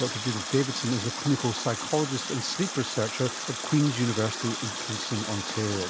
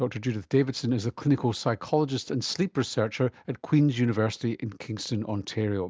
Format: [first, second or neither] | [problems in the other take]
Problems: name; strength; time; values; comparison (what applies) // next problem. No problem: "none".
second | background sound (Water tap, faucet); 5 dB below the speech